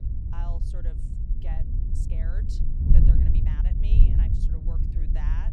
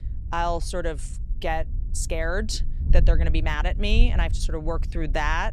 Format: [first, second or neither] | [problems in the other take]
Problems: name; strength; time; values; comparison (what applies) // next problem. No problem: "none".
second | wind noise on the microphone; heavy; 5 dB above the speech; occasional gusts in the second